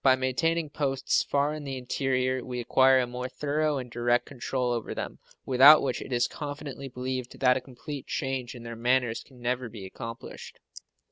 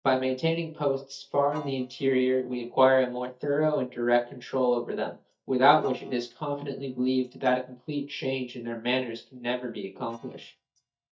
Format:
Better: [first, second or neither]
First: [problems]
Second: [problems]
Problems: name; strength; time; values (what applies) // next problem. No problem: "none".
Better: first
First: none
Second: noise reduction (neural mask model DeepFilterNet 3)